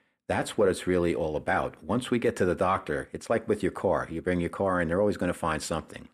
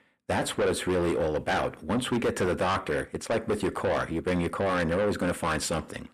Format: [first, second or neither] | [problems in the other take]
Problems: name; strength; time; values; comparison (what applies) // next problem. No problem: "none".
first | distortion; heavy; 7 dB below the speech